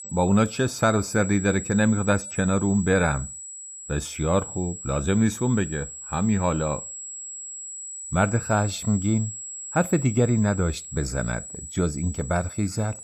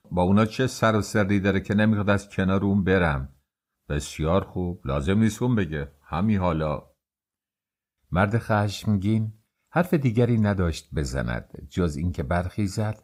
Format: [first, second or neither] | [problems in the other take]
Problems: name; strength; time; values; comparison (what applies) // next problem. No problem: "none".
second | high-pitched whine; loud; throughout; 7.5 kHz, 10 dB below the speech